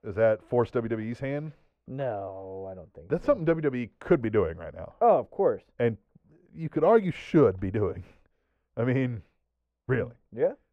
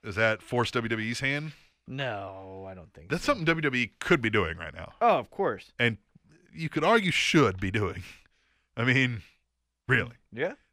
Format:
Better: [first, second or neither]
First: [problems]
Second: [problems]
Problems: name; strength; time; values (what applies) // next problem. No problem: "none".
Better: second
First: muffled; very; fading above 1.5 kHz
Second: none